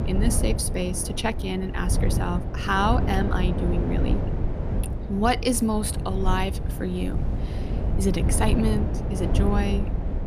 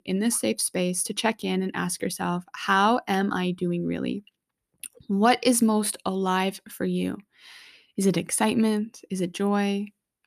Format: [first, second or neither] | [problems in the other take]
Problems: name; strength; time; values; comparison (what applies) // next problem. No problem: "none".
second | wind noise on the microphone; heavy; 8 dB below the speech